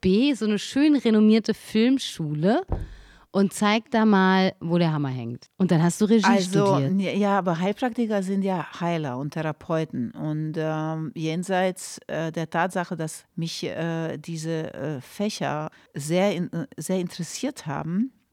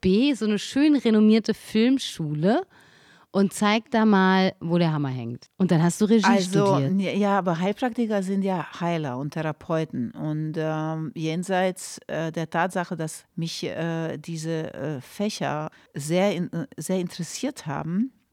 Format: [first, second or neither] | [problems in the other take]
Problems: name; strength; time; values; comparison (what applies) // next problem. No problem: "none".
second | door banging; noticeable; at 2.5 s; peak 10 dB below the speech